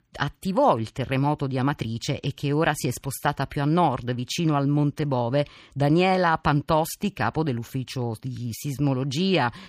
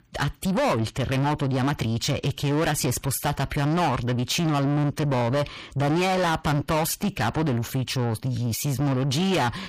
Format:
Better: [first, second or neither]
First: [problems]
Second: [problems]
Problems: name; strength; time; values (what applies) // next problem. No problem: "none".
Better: first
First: none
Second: distortion; heavy; 6 dB below the speech